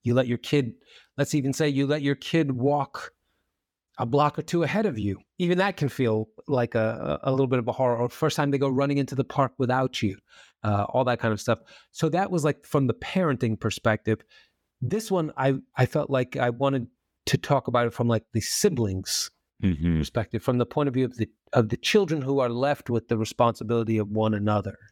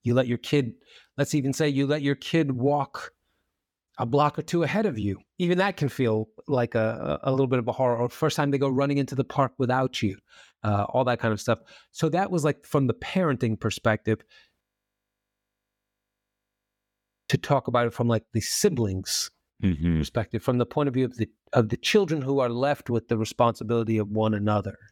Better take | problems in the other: first | audio freezing; at 15 s for 2.5 s

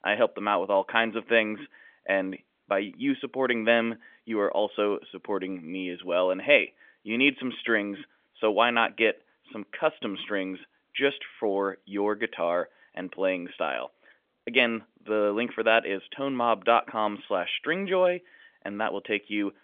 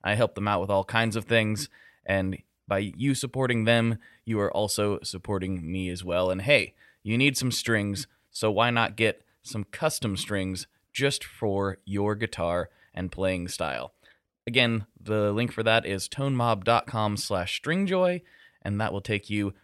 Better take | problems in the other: second | phone-call audio; nothing above 3.5 kHz

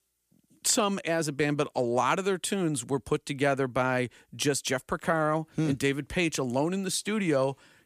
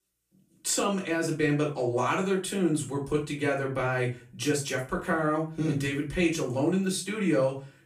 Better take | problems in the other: first | off-mic speech; far // room echo; slight; dies away in 0.3 s

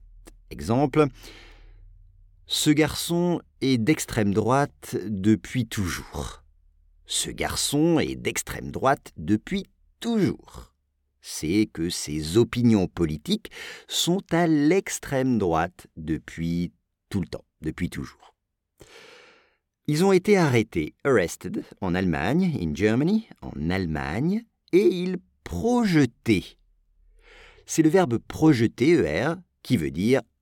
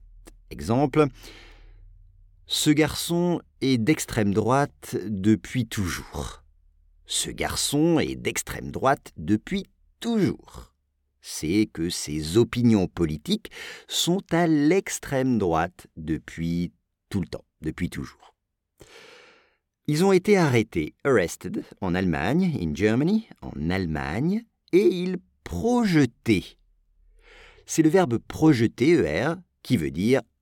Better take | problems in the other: neither | none

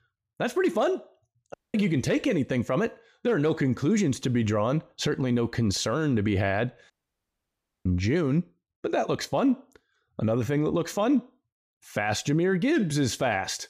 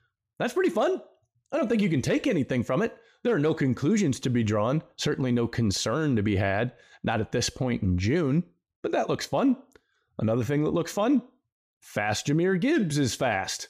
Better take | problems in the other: second | audio cutting out; at 1.5 s and at 7 s for 1 s

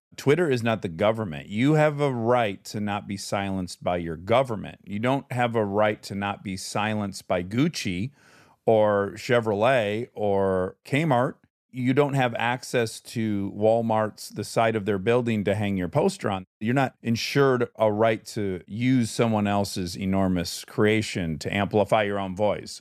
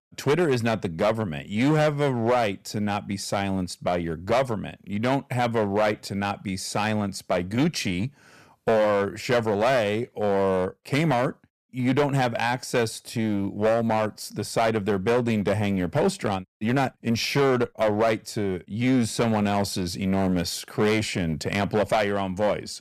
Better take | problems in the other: first | distortion; slight; 9% of the sound clipped

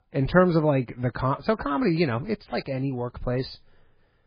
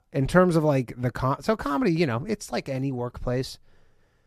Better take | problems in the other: second | garbled, watery; badly; nothing above 5 kHz

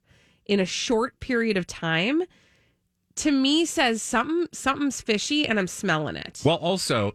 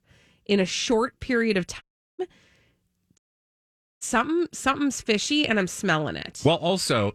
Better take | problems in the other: first | audio cutting out; at 2 s and at 3 s for 1 s

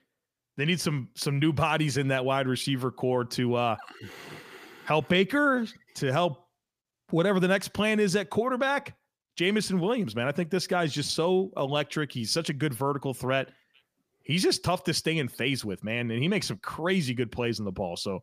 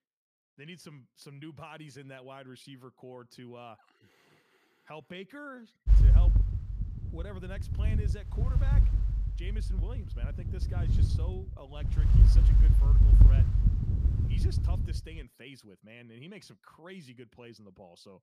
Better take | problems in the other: first | wind noise on the microphone; heavy; from 6 to 15 s; 3 dB above the speech

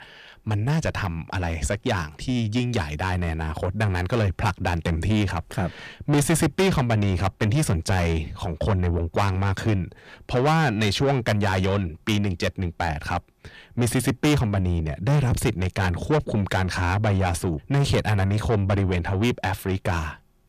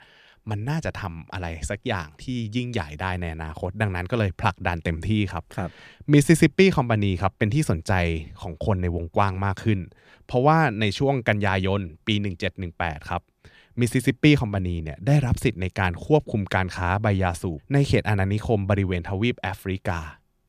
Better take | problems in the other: second | distortion; heavy; 6 dB below the speech

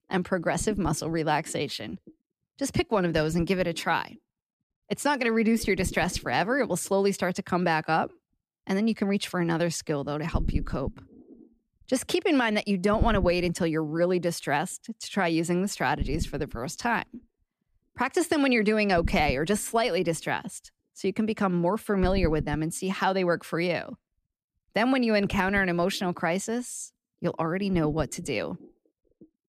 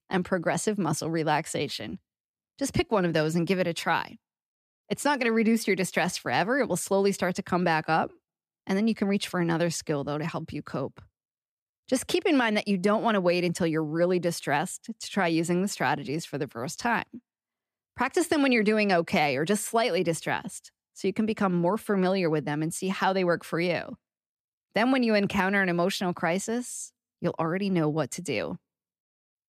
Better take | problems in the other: second | low rumble; faint; throughout; 20 dB below the speech

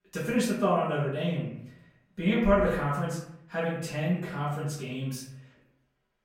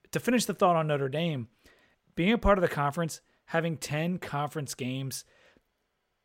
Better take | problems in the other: second | off-mic speech; far // room echo; noticeable; dies away in 0.7 s

